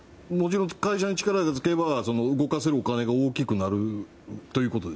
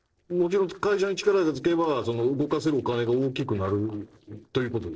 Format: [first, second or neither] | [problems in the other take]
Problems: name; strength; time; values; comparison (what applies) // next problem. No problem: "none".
first | noise reduction (neural separator model SepFormer DNS4)